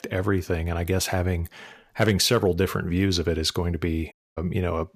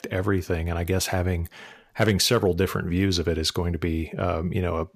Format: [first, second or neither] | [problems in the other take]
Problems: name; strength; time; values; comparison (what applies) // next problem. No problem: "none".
second | audio cutting out; at 4 s